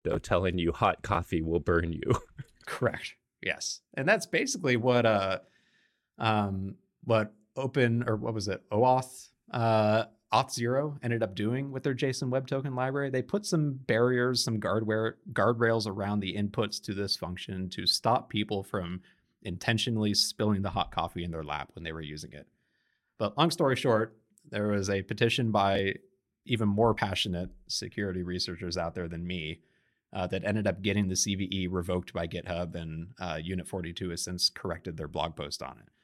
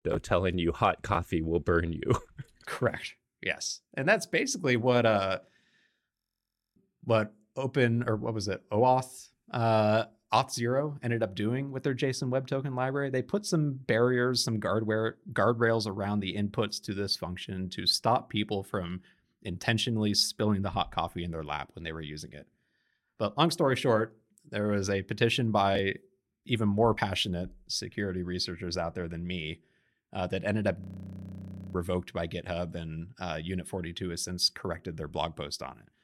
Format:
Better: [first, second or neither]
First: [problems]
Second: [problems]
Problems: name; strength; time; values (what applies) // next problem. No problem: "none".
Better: first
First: none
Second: audio freezing; at 6 s for 0.5 s and at 31 s for 1 s